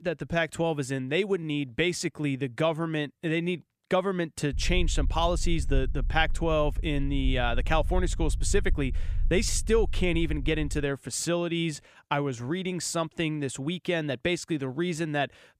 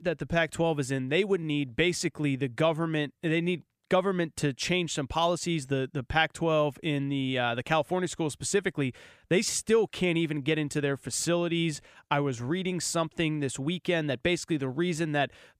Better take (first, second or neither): second